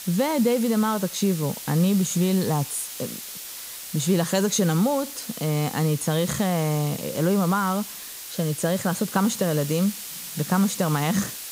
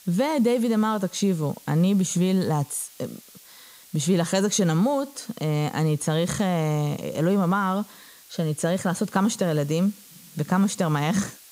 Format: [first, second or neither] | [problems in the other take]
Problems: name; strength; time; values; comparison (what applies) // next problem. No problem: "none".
second | hiss; loud; throughout; 10 dB below the speech; faint in the second